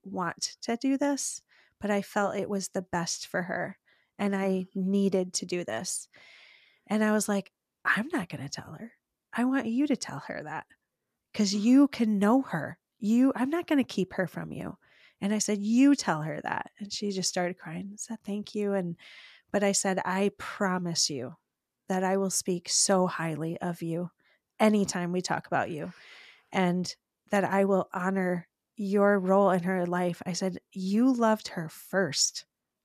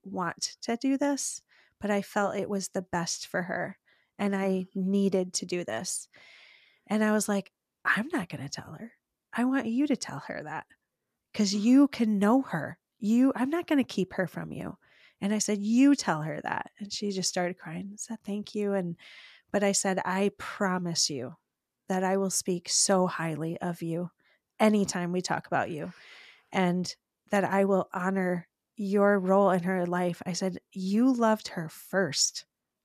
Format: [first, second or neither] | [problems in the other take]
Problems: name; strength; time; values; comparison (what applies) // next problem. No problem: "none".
neither | none